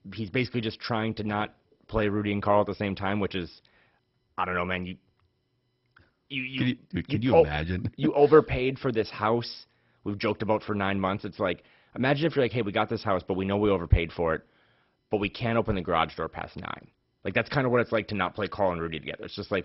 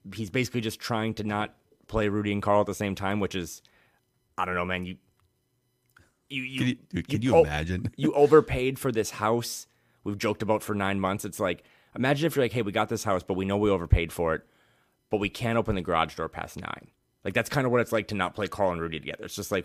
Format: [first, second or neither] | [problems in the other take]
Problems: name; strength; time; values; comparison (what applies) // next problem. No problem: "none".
second | garbled, watery; badly; nothing above 5.5 kHz